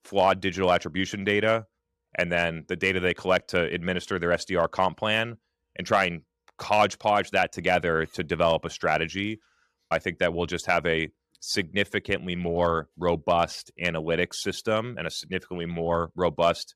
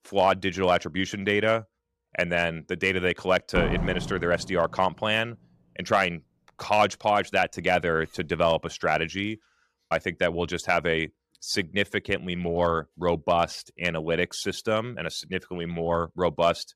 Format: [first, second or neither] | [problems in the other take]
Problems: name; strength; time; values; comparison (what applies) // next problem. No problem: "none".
first | door banging; noticeable; at 3.5 s; peak 3 dB below the speech